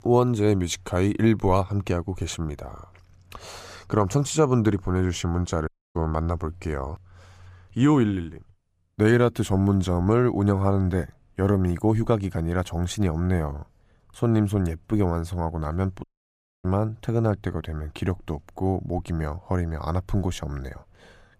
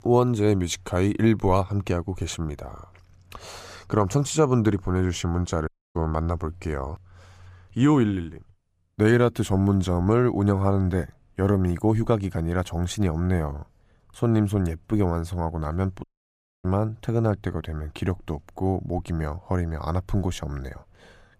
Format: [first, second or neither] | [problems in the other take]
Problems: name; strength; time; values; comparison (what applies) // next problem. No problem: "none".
neither | audio cutting out; at 5.5 s and at 16 s for 0.5 s; the same in both